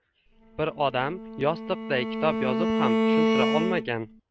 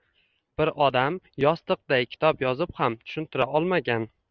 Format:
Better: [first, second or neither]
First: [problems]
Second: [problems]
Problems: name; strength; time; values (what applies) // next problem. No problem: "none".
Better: second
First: background sound (Bowed string instrument); 2 dB above the speech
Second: none